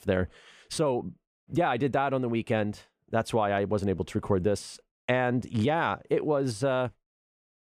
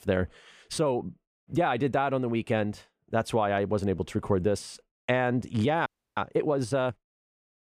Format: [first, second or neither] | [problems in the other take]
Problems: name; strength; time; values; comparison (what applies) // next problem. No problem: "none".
first | audio freezing; at 6 s